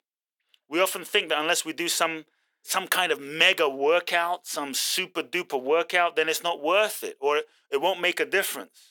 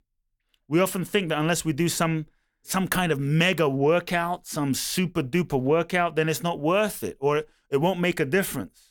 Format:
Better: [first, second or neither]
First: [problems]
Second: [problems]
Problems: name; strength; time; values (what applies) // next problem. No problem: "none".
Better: second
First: thin; very; fading below 400 Hz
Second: none